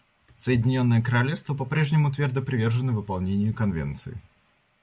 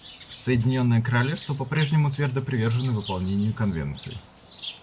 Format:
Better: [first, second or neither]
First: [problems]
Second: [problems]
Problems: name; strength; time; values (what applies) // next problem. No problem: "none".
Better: first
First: none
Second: background sound (Bird); 19 dB below the speech